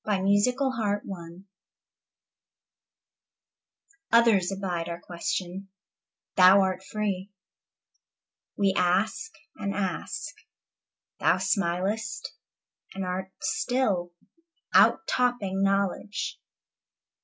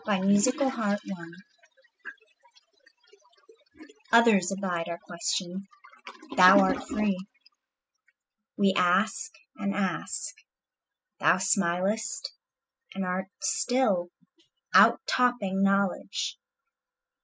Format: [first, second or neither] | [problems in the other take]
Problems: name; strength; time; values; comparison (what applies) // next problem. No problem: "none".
first | noise reduction (classical method spectral subtraction)